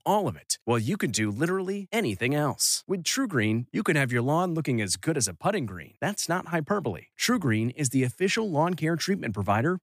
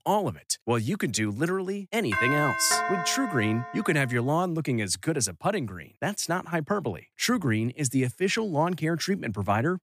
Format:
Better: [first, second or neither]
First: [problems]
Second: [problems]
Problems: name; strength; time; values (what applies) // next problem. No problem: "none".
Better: first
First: none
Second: doorbell; loud; from 2 to 4 s; peak 1 dB above the speech